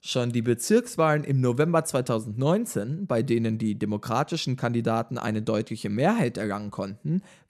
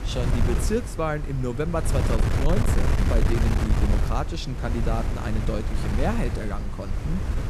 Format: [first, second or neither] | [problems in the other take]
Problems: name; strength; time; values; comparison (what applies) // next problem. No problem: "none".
first | wind noise on the microphone; heavy; 3 dB below the speech